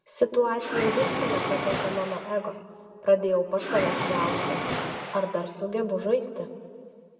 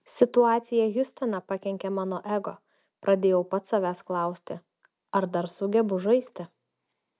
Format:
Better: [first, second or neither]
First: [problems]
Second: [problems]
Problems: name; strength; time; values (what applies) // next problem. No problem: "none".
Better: second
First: background sound (Mechanisms); 3 dB below the speech // room echo; dies away in 1.7 s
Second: none